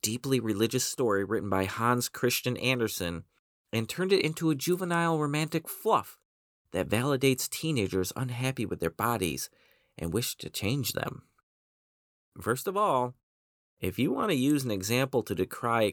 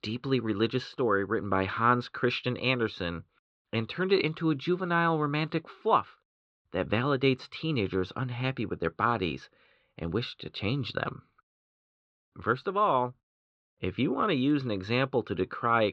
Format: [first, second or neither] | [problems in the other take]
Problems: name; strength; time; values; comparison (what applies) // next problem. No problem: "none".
first | muffled; slightly; fading above 4 kHz